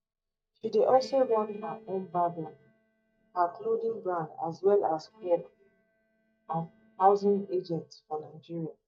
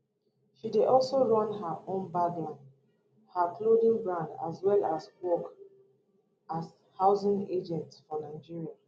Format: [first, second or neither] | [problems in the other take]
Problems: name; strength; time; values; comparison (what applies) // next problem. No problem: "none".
second | noise reduction (neural mask model DeepFilterNet 3)